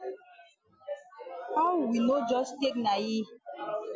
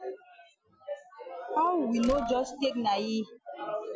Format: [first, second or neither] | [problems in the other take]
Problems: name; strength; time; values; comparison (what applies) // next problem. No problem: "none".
first | background sound (Slam); 14 dB below the speech